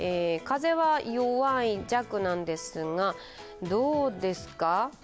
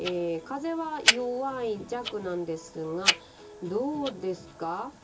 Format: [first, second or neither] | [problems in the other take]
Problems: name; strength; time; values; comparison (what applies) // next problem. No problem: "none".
first | background sound (Tick-tock); 1 dB below the speech // room echo; dies away in 0.2 s